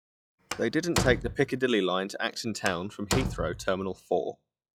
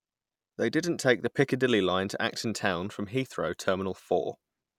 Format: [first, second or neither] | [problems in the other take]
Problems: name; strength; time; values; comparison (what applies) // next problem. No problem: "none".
second | noise reduction (classical method log-MMSE)